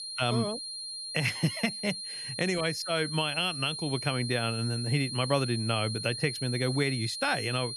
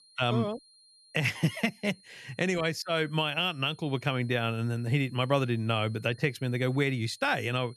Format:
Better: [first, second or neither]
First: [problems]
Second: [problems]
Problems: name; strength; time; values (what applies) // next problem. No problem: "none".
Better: second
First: high-pitched whine; loud; throughout; 4 kHz, 5 dB below the speech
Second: high-pitched whine; faint; throughout; 4 kHz, 25 dB below the speech